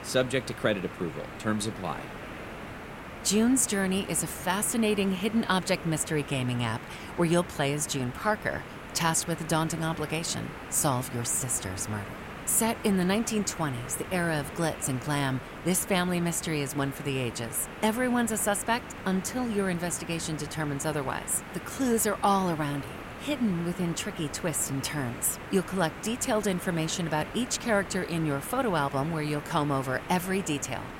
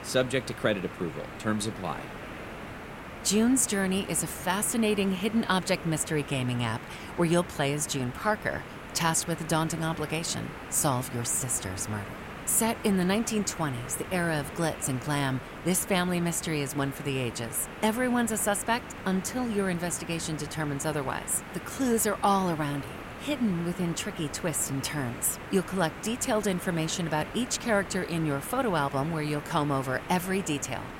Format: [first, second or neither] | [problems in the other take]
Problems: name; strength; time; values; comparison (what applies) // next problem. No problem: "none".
neither | hiss; noticeable; throughout; 10 dB below the speech; the same in both